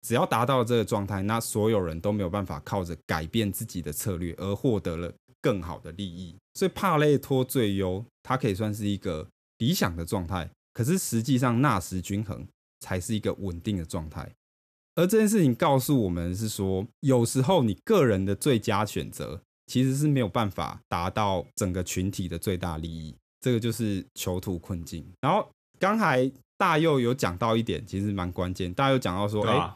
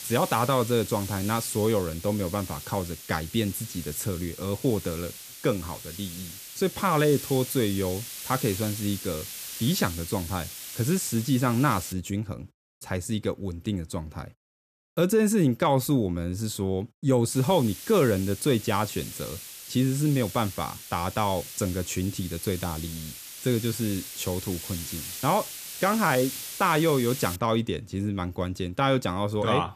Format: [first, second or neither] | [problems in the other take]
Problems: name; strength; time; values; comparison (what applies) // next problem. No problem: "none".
first | hiss; loud; until 12 s and from 17 to 27 s; 10 dB below the speech